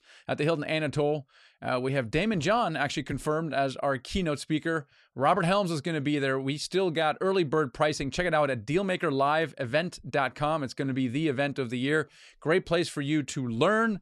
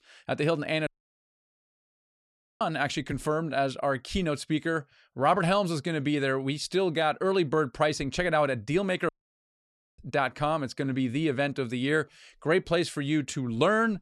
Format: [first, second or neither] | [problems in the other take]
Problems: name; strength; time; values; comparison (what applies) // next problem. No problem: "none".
first | audio cutting out; at 1 s for 1.5 s and at 9 s for 1 s